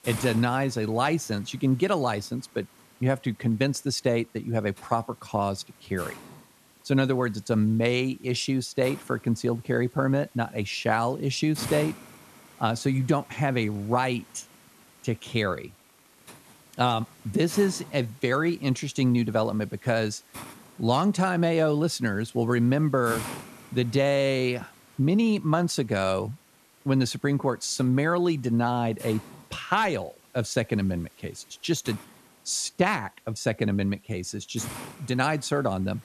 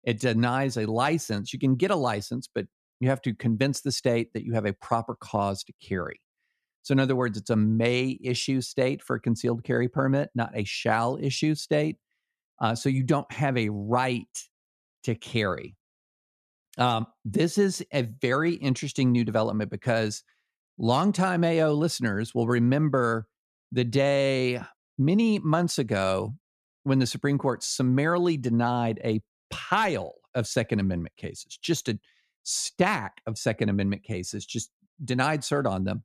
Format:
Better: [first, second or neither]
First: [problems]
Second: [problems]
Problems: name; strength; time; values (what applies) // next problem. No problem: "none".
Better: second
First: hiss; noticeable; throughout; 20 dB below the speech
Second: none